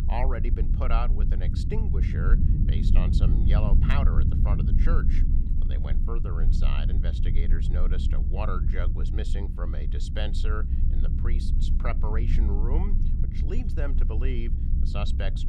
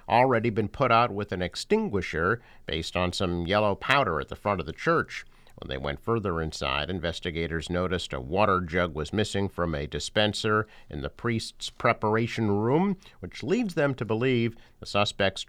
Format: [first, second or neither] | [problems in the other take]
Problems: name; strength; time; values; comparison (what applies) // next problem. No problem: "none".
second | low rumble; loud; throughout; 4 dB below the speech